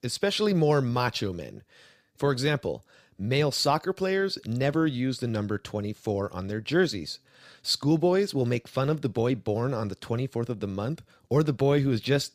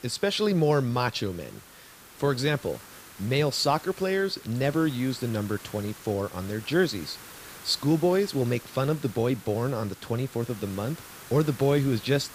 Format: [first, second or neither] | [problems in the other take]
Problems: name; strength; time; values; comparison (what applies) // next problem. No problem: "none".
first | hiss; noticeable; throughout; 20 dB below the speech